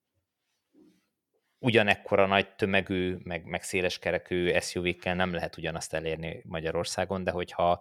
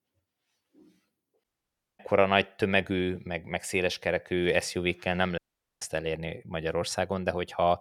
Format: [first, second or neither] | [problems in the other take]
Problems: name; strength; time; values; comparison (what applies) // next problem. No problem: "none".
first | audio cutting out; at 1.5 s for 0.5 s and at 5.5 s